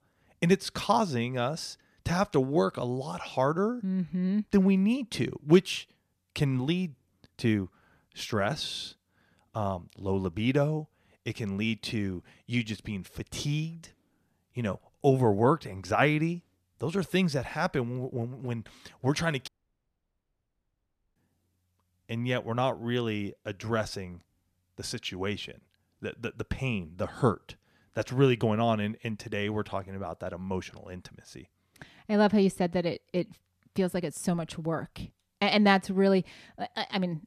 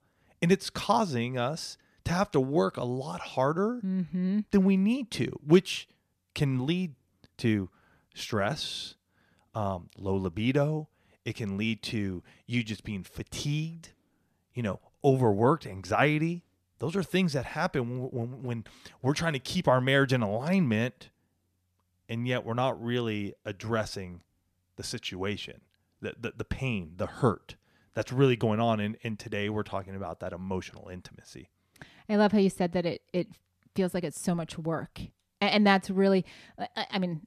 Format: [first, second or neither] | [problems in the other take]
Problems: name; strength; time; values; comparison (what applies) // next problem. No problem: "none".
second | audio cutting out; at 19 s for 1.5 s